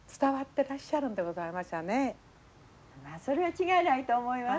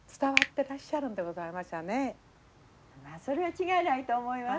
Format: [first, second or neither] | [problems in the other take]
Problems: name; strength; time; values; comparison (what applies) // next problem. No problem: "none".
first | background sound (Finger snapping); 4 dB below the speech